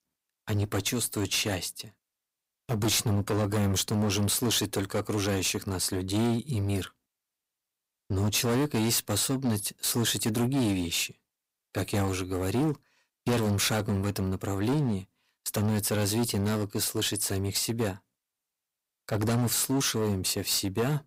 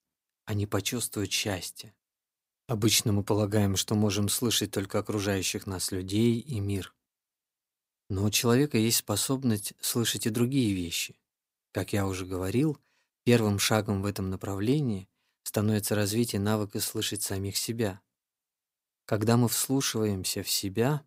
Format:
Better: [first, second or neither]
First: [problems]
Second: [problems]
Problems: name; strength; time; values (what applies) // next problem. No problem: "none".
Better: second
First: distortion; heavy; 13% of the sound clipped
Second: none